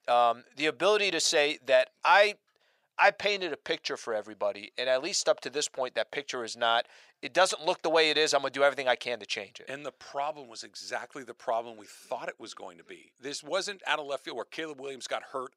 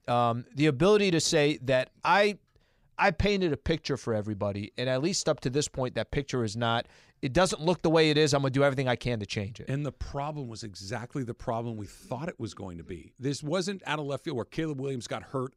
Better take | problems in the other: second | thin; very; fading below 550 Hz

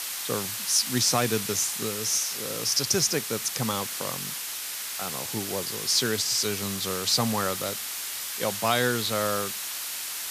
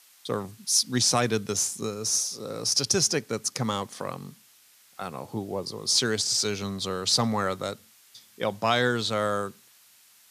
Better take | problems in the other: second | hiss; loud; throughout; 4 dB below the speech; faint in the second

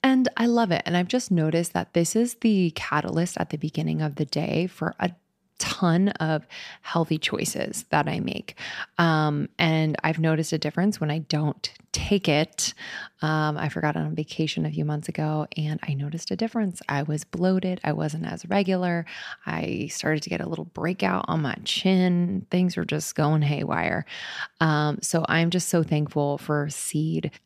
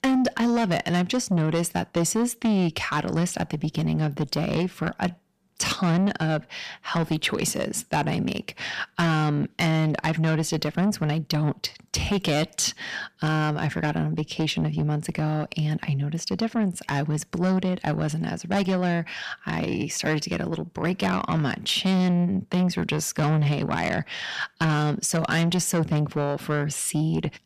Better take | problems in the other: first | distortion; slight; 10 dB below the speech

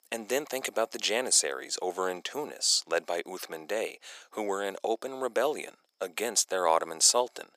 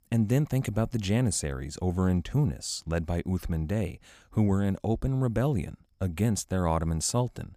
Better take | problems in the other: second | thin; very; fading below 400 Hz

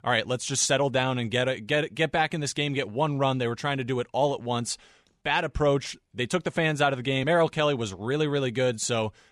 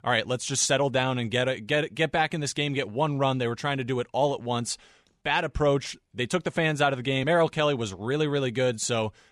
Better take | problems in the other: neither | none

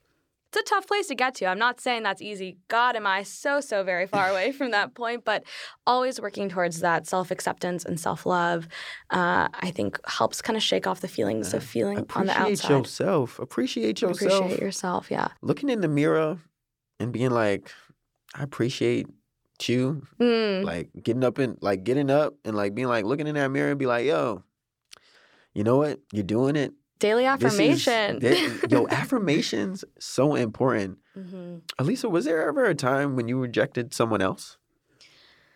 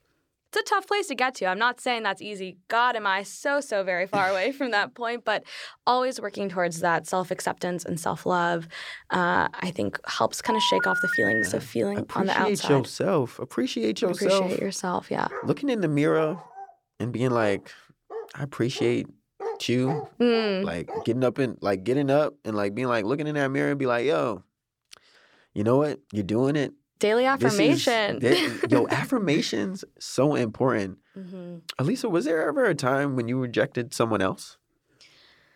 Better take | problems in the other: first | phone ringing; loud; at 10 s; peak 2 dB above the speech // dog barking; noticeable; from 15 to 21 s; peak 9 dB below the speech

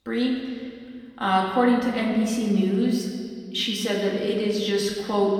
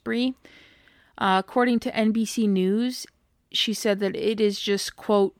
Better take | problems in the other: second | room echo; noticeable; dies away in 2.3 s // off-mic speech; far

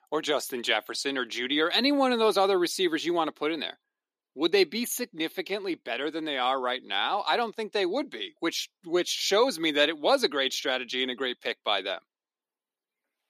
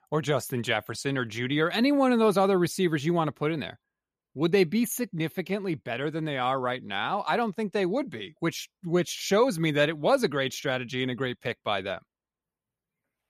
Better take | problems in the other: second | thin; very slightly; fading below 300 Hz

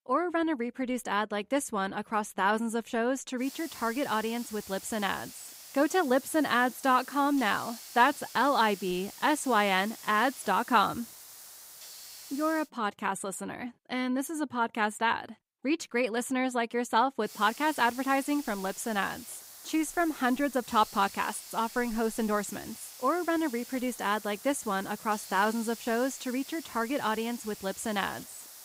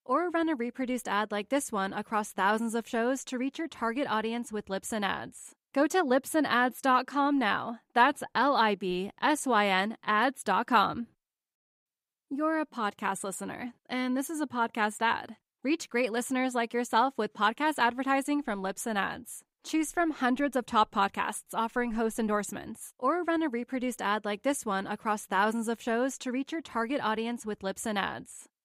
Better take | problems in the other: second | hiss; noticeable; from 3.5 to 13 s and from 17 s on; 15 dB below the speech

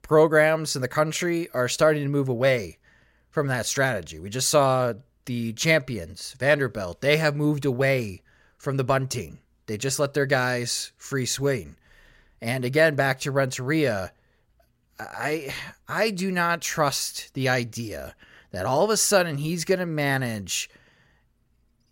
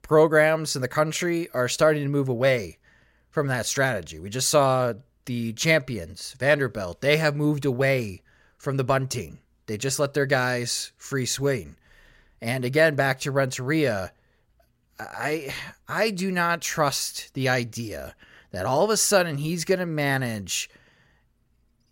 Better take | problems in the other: neither | none

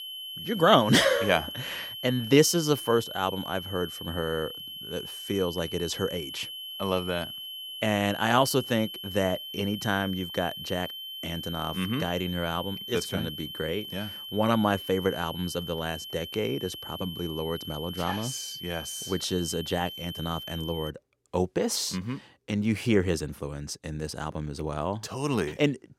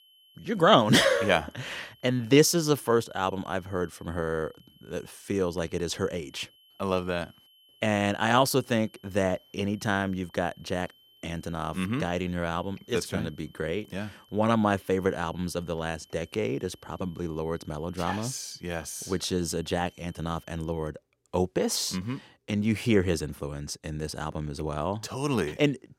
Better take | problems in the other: second | high-pitched whine; loud; until 21 s; 3 kHz, 8 dB below the speech; faint in the second

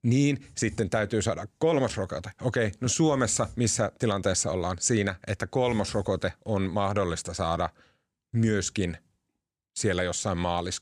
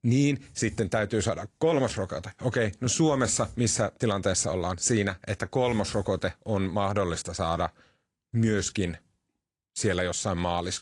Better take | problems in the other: first | garbled, watery; slightly

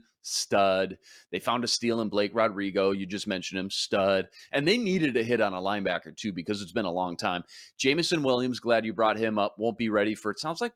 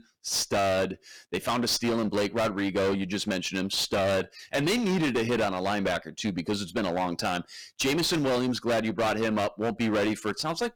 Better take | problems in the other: first | distortion; heavy; 22% of the sound clipped

